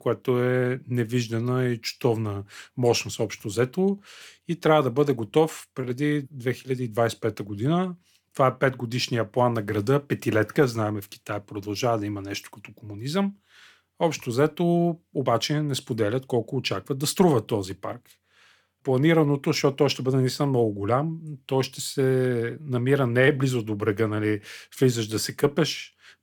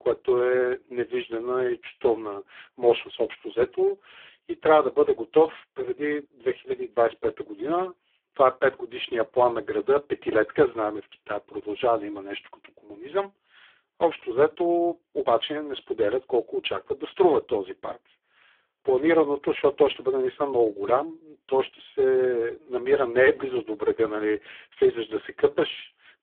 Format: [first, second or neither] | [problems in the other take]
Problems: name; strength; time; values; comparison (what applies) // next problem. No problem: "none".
first | phone-call audio; poor line